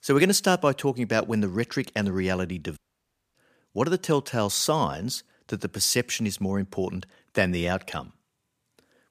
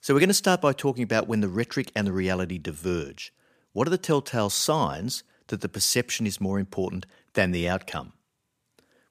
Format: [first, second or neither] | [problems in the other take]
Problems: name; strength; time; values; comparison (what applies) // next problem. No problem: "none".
second | audio cutting out; at 3 s for 0.5 s